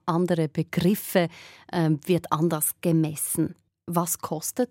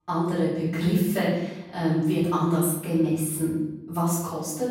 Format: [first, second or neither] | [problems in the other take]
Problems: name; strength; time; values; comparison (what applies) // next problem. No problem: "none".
first | room echo; noticeable; dies away in 0.9 s // off-mic speech; far